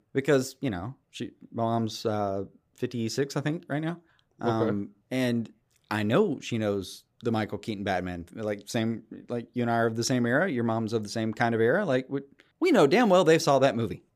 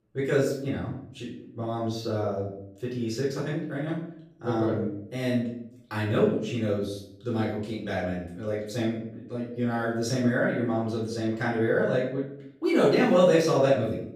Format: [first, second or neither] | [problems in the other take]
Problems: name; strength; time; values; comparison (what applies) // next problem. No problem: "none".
first | off-mic speech; far // room echo; noticeable; dies away in 0.6 s